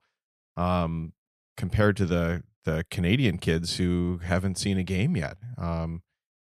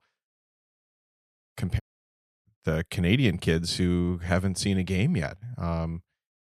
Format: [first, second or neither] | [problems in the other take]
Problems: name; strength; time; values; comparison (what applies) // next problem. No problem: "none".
first | audio cutting out; at 0.5 s for 1 s and at 2 s for 0.5 s